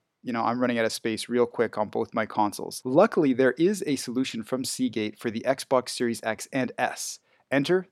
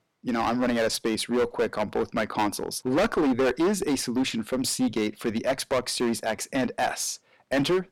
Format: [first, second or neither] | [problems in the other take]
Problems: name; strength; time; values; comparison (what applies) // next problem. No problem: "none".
first | distortion; heavy; 13% of the sound clipped